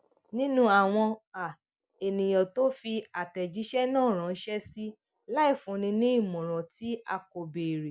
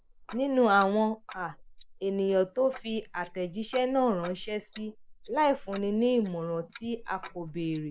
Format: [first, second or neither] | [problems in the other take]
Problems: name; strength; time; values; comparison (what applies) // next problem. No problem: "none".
first | noise reduction (neural mask model Resemble Enhance denoiser)